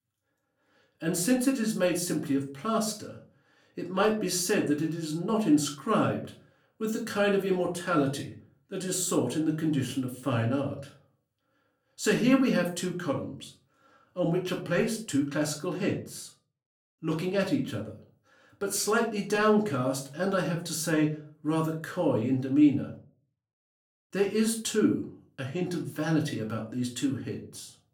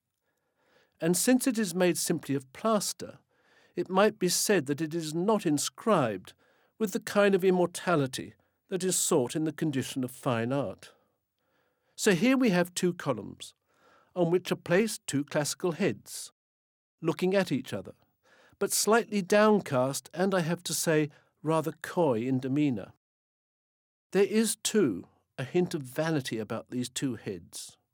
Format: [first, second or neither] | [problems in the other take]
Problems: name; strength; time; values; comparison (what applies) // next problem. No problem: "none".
second | off-mic speech; far // room echo; slight; dies away in 0.3 s